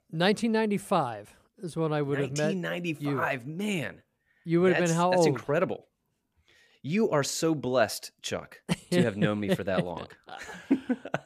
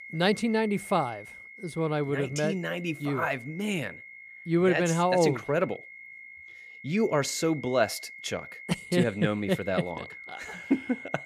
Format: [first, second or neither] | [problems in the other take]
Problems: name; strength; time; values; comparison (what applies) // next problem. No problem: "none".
first | high-pitched whine; noticeable; throughout; 2 kHz, 15 dB below the speech